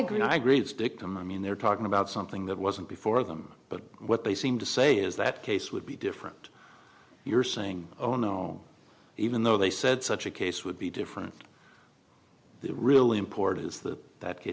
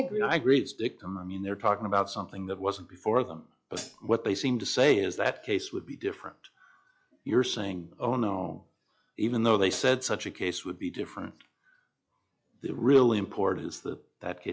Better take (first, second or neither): first